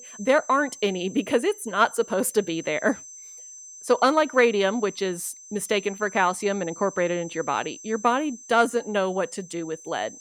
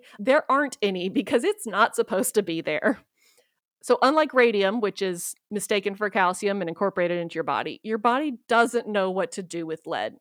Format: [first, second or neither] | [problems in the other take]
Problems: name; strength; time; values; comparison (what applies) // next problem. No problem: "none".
second | high-pitched whine; noticeable; throughout; 6 kHz, 15 dB below the speech